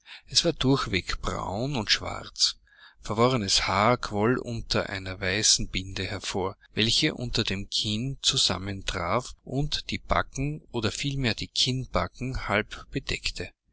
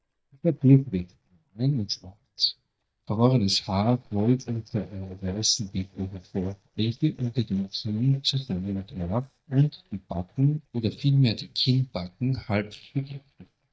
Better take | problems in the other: first | noise reduction (neural mask model DeepFilterNet 3)

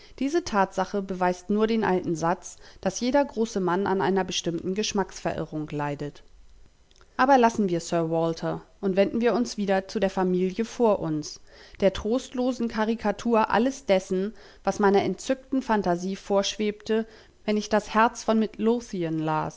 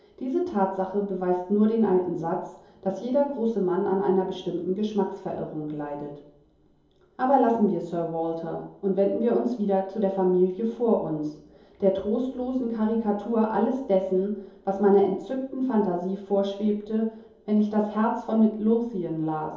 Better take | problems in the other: first | room echo; dies away in 2.8 s

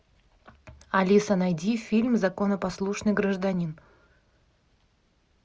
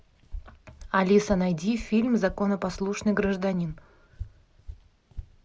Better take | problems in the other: first | background sound (Walk, footsteps); 16 dB below the speech

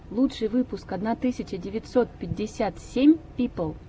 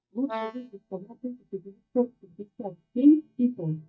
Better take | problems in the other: first | noise reduction (neural mask model DeepFilterNet 3)

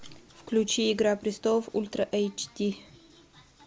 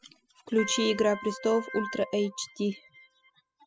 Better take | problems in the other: first | noise reduction (classical method spectral subtraction)

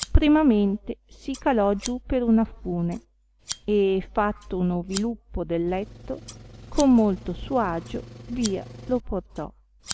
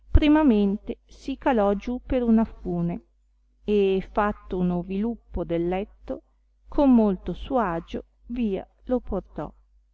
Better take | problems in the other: second | background sound (Engine + Scissors); 17 dB below the speech

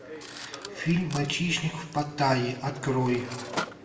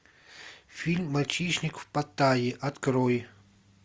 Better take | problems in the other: second | background sound (Mechanisms); 11 dB below the speech // room echo; dies away in 0.9 s

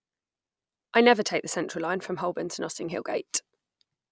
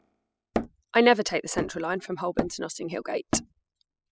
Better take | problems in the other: first | noise reduction (classical method spectral subtraction)

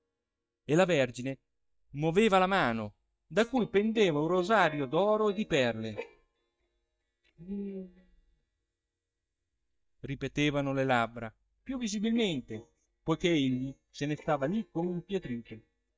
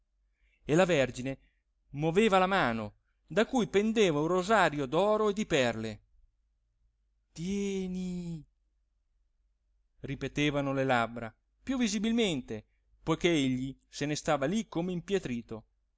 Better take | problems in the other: second | noise reduction (neural mask model DeepFilterNet 3)

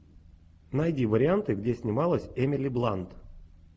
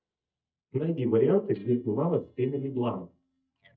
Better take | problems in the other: first | noise reduction (neural mask model DeepFilterNet 3)

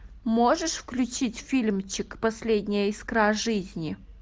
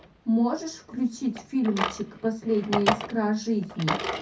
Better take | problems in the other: first | background sound (Drawer open or close); 6 dB below the speech // room echo; dies away in 0.3 s

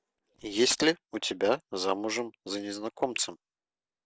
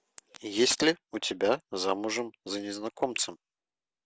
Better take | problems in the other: second | noise reduction (neural separator model SepFormer DNS4)

